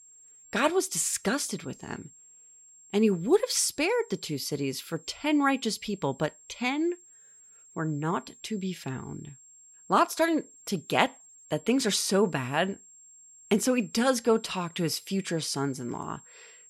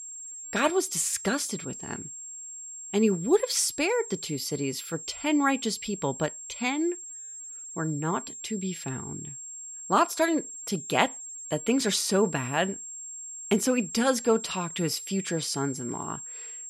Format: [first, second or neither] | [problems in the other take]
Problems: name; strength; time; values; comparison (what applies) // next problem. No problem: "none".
first | high-pitched whine; loud; throughout; 7.5 kHz, 10 dB below the speech; faint in the first